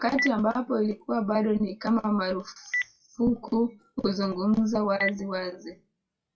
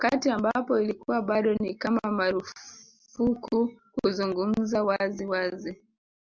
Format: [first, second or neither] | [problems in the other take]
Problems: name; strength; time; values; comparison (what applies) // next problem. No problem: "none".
second | noise reduction (classical method WPE with log-MMSE)